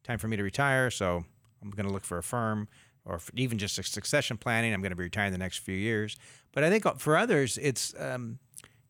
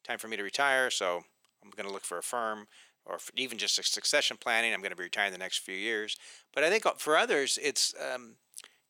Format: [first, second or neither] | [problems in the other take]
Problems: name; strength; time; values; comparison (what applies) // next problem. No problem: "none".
first | thin; very; fading below 350 Hz